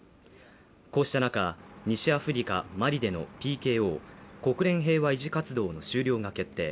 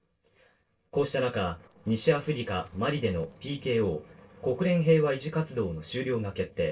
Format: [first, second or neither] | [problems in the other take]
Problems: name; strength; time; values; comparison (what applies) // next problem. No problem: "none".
first | noise reduction (neural separator model SepFormer DNS4)